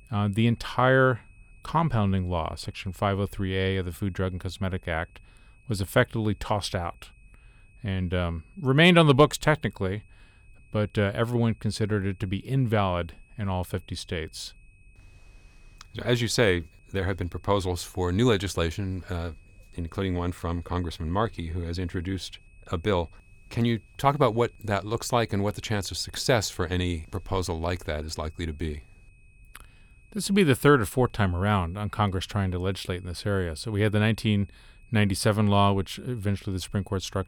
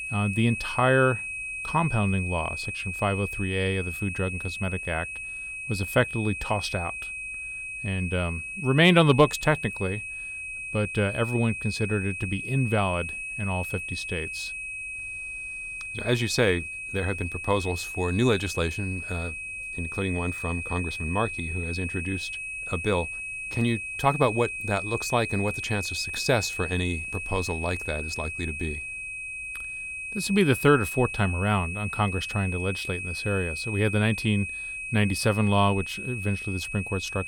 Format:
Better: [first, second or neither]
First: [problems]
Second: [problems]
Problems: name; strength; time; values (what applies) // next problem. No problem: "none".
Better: first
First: high-pitched whine; faint; throughout; 2.5 kHz, 35 dB below the speech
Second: high-pitched whine; loud; throughout; 2.5 kHz, 5 dB below the speech